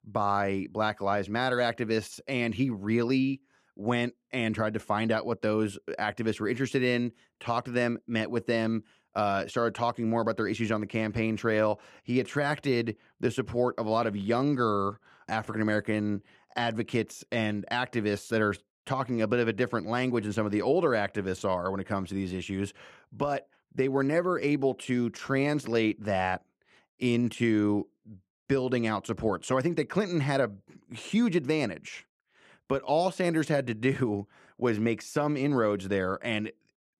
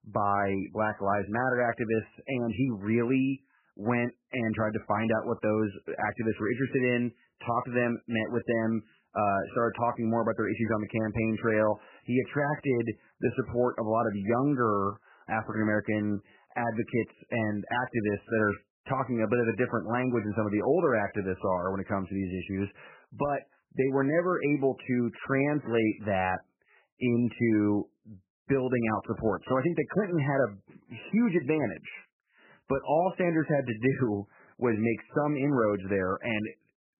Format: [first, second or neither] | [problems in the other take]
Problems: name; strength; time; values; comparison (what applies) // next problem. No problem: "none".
first | garbled, watery; badly; nothing above 3 kHz